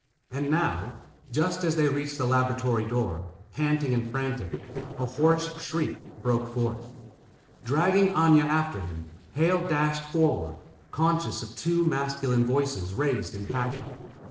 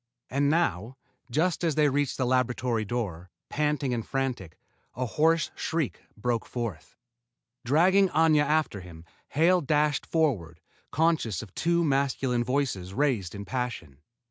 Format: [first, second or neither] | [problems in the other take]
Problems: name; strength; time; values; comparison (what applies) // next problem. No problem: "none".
second | noise reduction (neural separator model SepFormer DNS4)